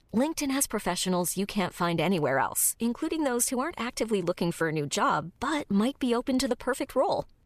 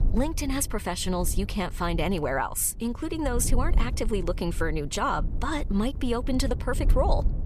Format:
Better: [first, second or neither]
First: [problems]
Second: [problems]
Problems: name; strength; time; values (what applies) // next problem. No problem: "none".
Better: first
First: none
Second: low rumble; noticeable; throughout; 20 dB below the speech